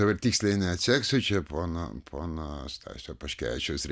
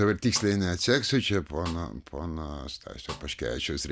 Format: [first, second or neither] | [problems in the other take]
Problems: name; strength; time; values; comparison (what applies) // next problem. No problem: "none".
first | background sound (Snare drum); 17 dB below the speech